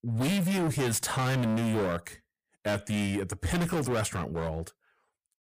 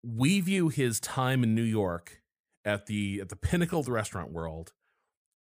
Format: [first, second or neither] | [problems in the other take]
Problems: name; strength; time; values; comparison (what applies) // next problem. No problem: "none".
second | distortion; heavy; 24% of the sound clipped